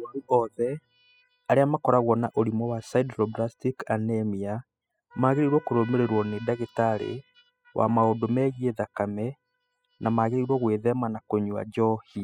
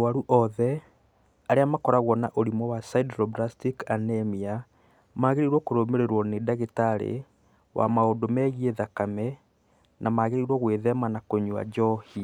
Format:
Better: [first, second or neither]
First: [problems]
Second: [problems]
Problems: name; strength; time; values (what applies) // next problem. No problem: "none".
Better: second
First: noise reduction (classical method spectral subtraction)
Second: none